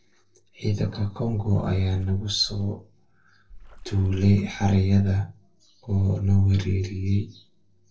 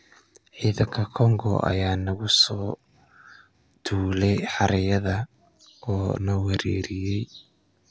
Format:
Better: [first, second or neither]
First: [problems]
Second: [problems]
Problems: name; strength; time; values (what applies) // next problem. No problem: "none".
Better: second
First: noise reduction (neural separator model SepFormer DNS4)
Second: none